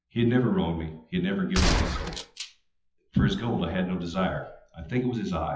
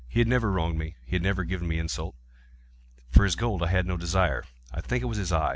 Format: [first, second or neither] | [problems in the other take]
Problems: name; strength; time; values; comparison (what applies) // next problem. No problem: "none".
second | noise reduction (classical method WPE with log-MMSE)